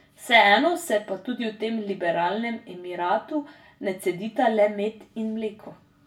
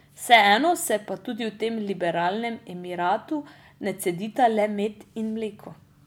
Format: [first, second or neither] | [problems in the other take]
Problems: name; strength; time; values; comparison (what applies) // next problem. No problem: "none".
second | room echo; dies away in 0.2 s